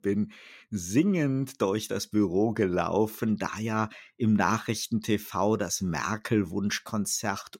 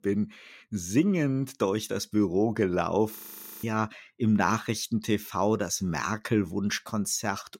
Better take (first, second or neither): first